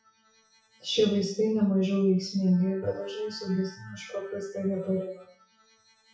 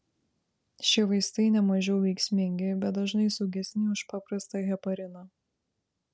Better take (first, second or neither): second